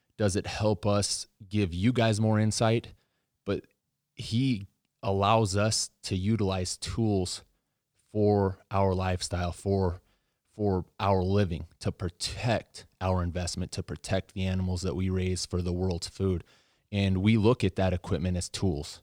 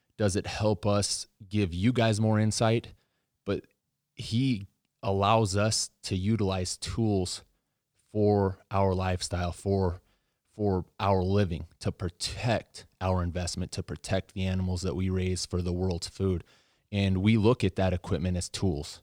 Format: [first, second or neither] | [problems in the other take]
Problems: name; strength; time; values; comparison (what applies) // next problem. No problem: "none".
neither | none